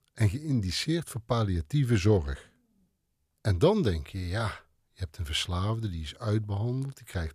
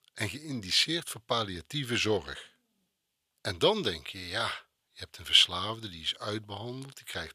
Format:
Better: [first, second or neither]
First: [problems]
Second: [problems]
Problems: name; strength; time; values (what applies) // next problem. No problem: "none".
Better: first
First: none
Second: thin; somewhat; fading below 700 Hz